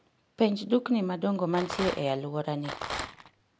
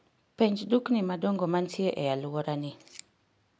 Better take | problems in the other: second | background sound (Rattle); 8 dB below the speech

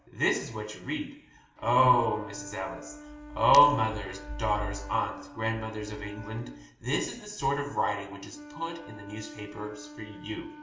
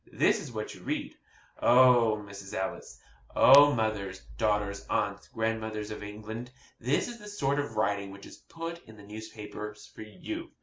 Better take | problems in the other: second | background sound (Wind instrument, woodwind instrument); 17 dB below the speech // room echo; dies away in 0.9 s

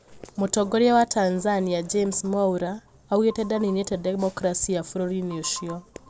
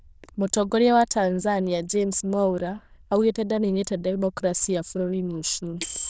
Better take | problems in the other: first | noise reduction (neural diffusion model UNIVERSE++)

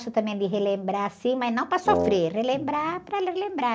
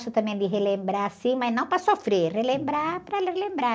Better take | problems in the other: second | background sound (Wind instrument, woodwind instrument); 2 dB below the speech

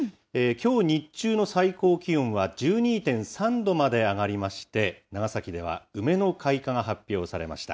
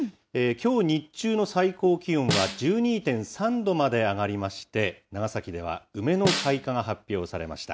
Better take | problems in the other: first | background sound (Snare drum); 6 dB below the speech

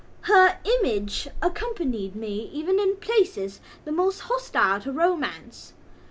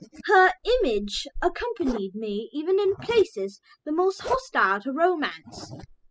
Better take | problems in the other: first | noise reduction (classical method spectral subtraction)

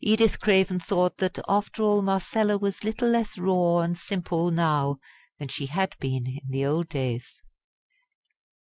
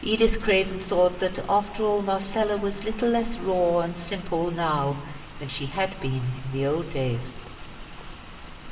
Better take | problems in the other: first | background sound (Rain); 12 dB below the speech // room echo; dies away in 2.9 s

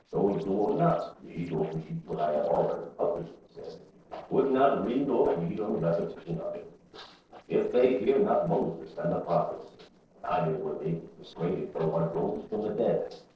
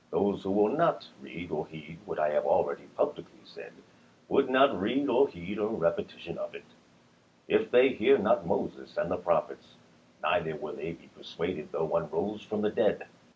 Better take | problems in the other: second | noise reduction (neural separator model SepFormer DNS4)

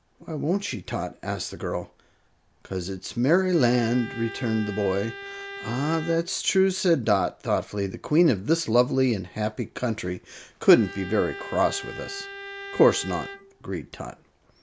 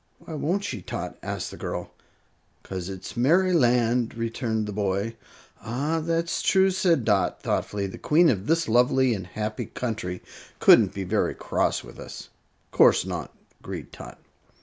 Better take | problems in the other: second | background sound (Bowed string instrument); 13 dB below the speech

